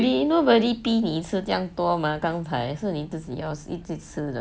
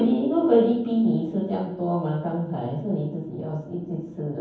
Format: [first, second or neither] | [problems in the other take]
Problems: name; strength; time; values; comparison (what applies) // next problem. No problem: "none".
first | room echo; dies away in 0.9 s